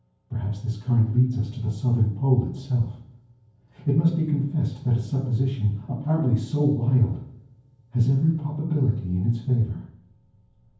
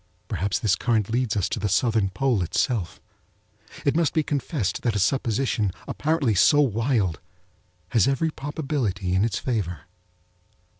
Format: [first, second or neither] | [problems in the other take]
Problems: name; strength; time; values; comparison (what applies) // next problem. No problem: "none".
second | room echo; dies away in 0.9 s